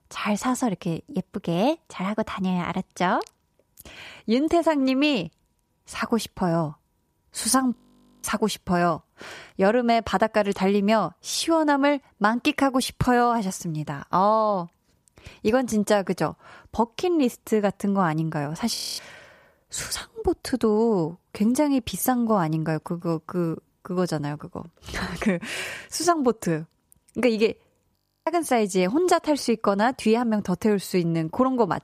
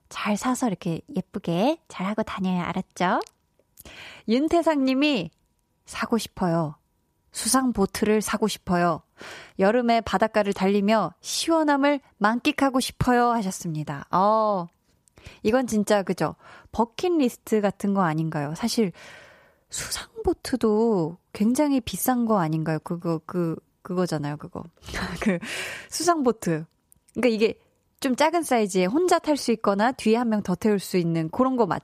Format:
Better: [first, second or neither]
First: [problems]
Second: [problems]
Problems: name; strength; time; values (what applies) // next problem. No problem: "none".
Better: second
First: audio freezing; at 8 s, at 19 s and at 28 s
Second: none